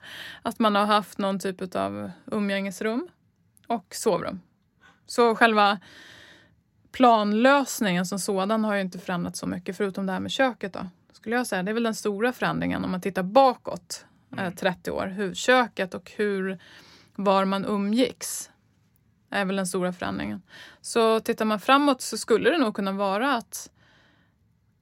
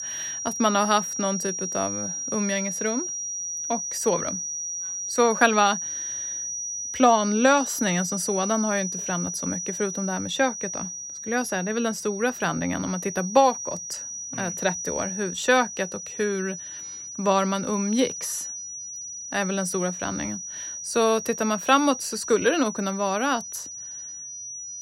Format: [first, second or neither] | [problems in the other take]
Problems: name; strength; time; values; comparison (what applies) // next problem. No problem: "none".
first | high-pitched whine; loud; throughout; 6 kHz, 6 dB below the speech